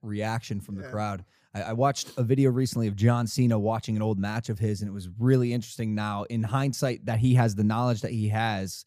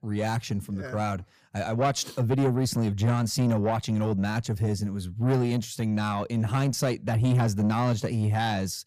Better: first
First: none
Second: distortion; slight; 10 dB below the speech

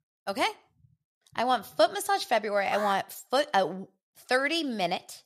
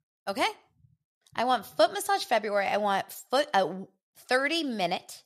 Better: second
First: alarm; noticeable; at 2.5 s; peak 9 dB below the speech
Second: none

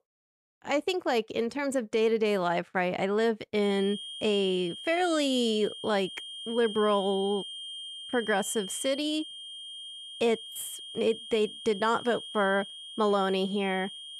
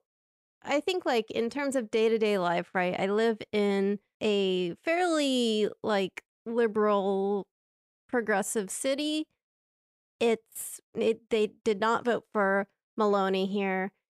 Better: second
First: high-pitched whine; noticeable; from 3.5 s on; 3 kHz, 10 dB below the speech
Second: none

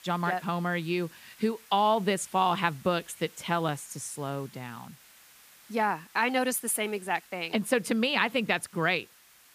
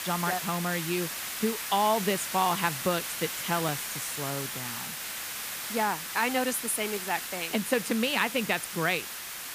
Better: first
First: hiss; faint; throughout; 25 dB below the speech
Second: hiss; loud; throughout; 4 dB below the speech

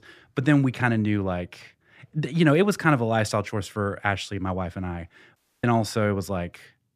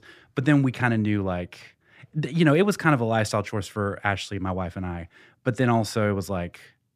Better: second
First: audio cutting out; at 5.5 s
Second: none

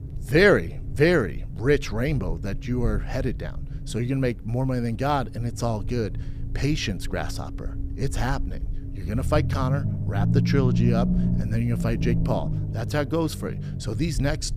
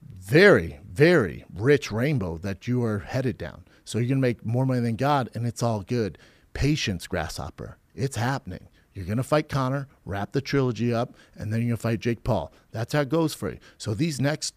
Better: second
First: low rumble; noticeable; throughout; 15 dB below the speech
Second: none

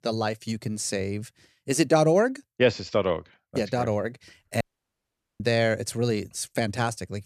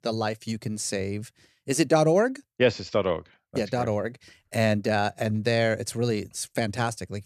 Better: second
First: audio cutting out; at 4.5 s for 1 s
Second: none

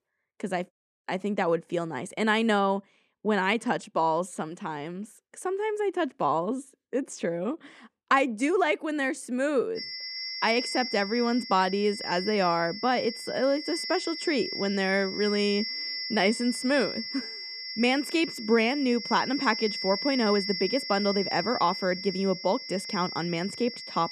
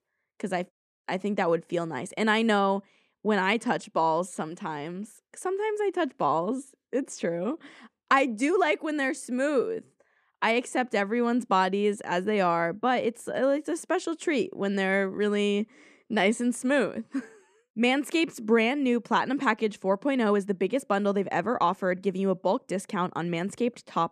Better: second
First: high-pitched whine; loud; from 10 s on; 5.5 kHz, 6 dB below the speech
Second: none

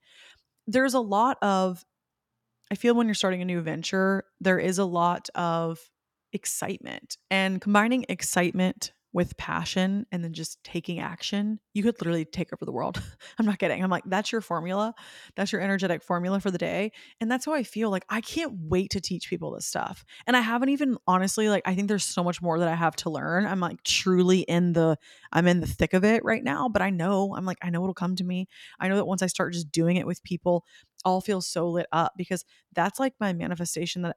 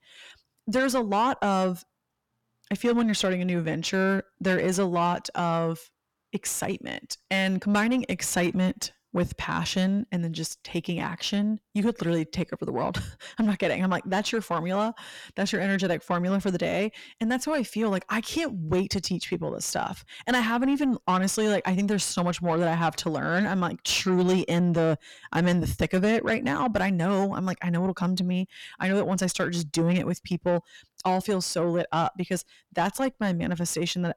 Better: first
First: none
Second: distortion; slight; 10 dB below the speech

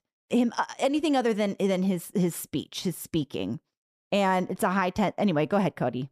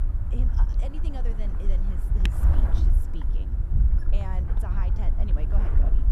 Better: first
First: none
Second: wind noise on the microphone; heavy; 2 dB above the speech

